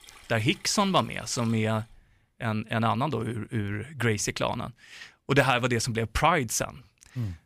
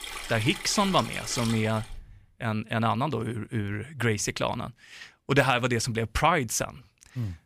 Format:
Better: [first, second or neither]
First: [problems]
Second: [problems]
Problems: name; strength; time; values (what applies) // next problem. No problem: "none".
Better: first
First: rain or running water; faint; until 2 s; 25 dB below the speech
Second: rain or running water; loud; until 2 s; 10 dB below the speech